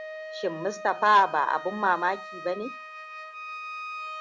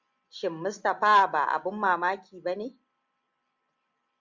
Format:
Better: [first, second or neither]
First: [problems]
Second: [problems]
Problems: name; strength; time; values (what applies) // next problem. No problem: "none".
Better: second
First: background sound (Wind instrument, woodwind instrument); 11 dB below the speech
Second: none